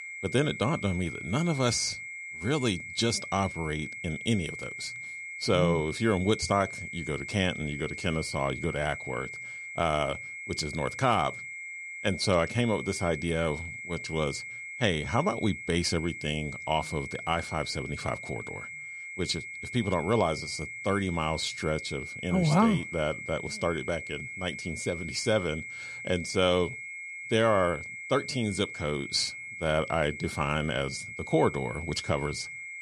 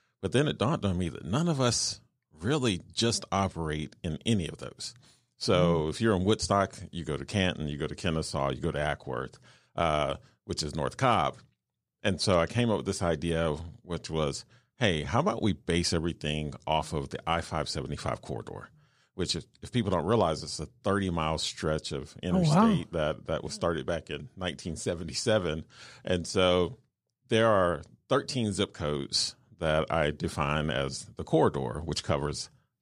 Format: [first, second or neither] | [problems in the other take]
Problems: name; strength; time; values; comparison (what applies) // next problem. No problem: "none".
second | high-pitched whine; loud; throughout; 2 kHz, 8 dB below the speech